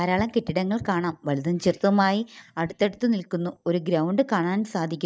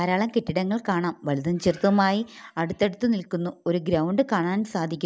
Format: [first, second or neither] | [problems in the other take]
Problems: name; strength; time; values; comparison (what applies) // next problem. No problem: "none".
second | noise reduction (neural mask model DeepFilterNet 3)